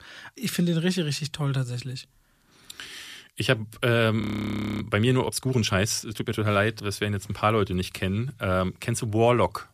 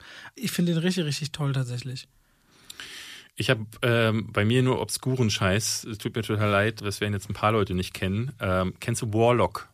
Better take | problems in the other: second | audio freezing; at 4 s for 0.5 s

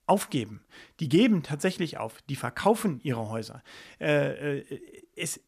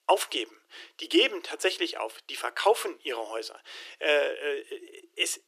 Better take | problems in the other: first | thin; very; fading below 350 Hz

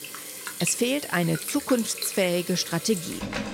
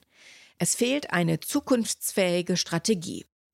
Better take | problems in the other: second | household noises; loud; throughout; 8 dB below the speech

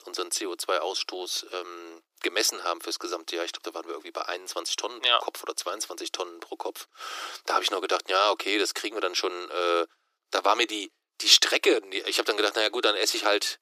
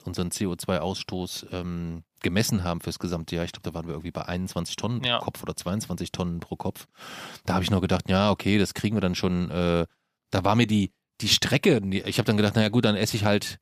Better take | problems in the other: second | thin; very; fading below 300 Hz

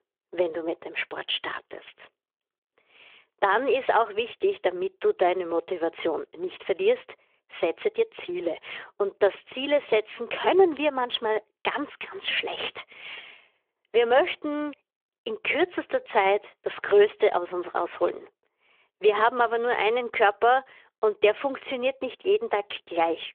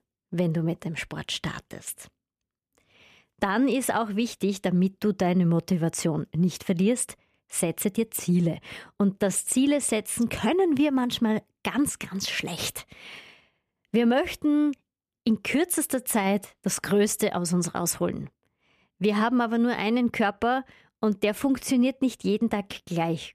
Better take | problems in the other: second | phone-call audio; nothing above 3.5 kHz

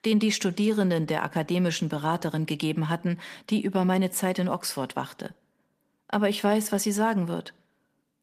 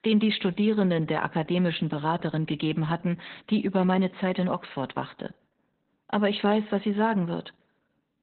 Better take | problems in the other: first | garbled, watery; badly; nothing above 4 kHz; slightly in the first

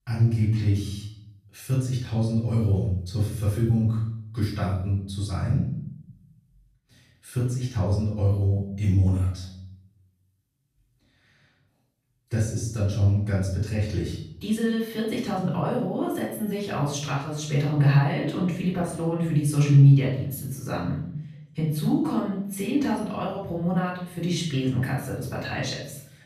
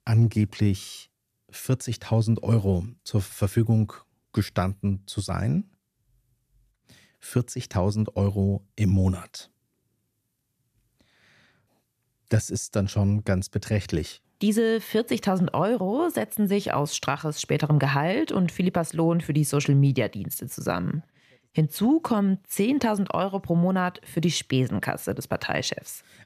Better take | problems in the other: second | off-mic speech; far // room echo; noticeable; dies away in 0.7 s

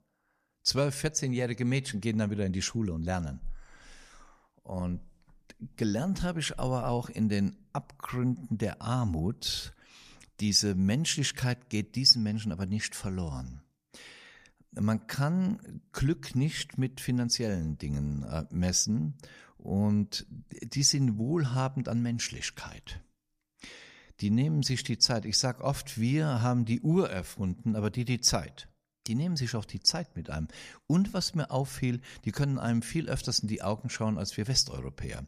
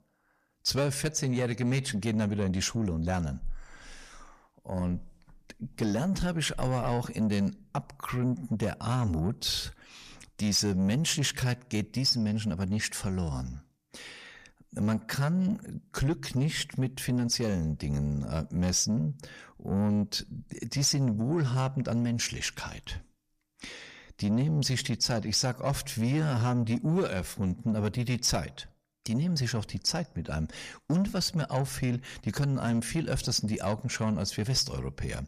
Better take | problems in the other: first | distortion; slight; 10 dB below the speech

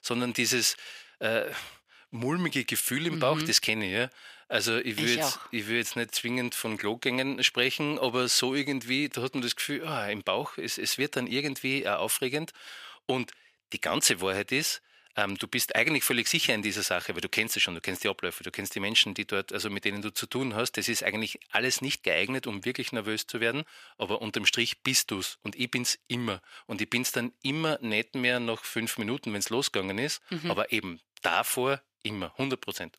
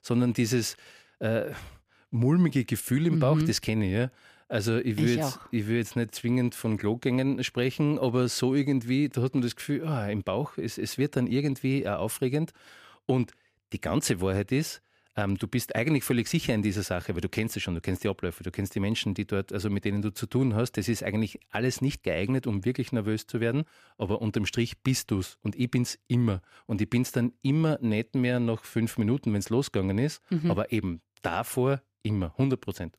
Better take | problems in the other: second | thin; somewhat; fading below 1 kHz

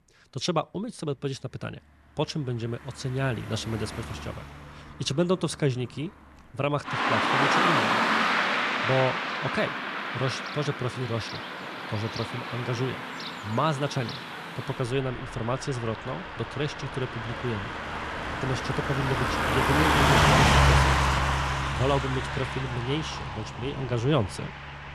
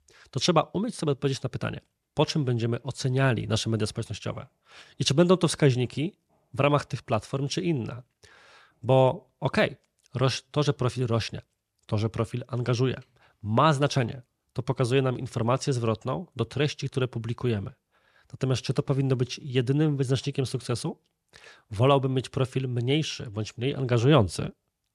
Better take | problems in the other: second | traffic noise; very loud; throughout; 4 dB above the speech

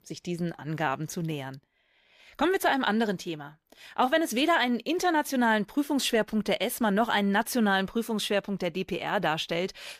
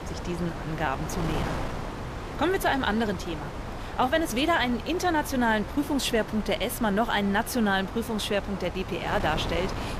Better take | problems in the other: first | wind noise on the microphone; heavy; 10 dB below the speech

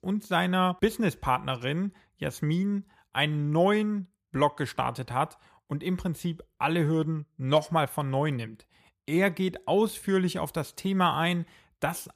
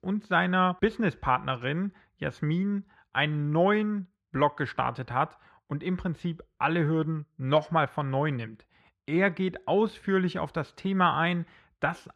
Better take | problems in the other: first | muffled; slightly; fading above 3.5 kHz

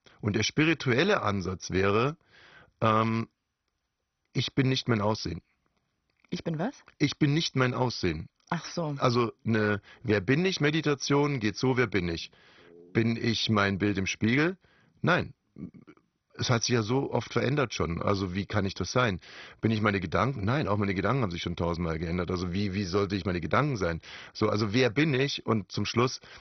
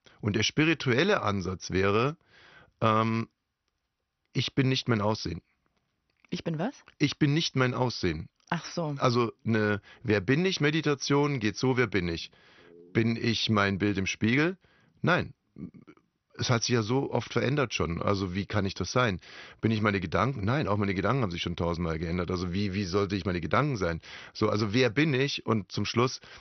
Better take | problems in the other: second | garbled, watery; badly; nothing above 6 kHz; slightly in the second

